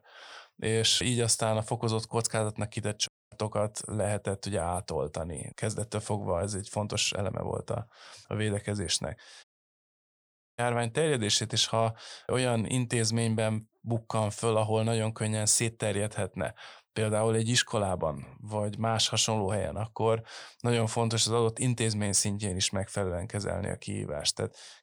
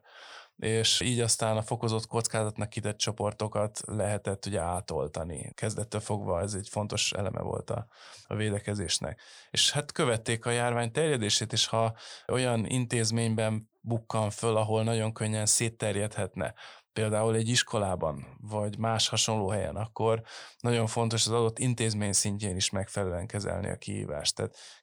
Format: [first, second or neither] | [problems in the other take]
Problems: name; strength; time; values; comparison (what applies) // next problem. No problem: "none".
second | audio cutting out; at 3 s and at 9.5 s for 1 s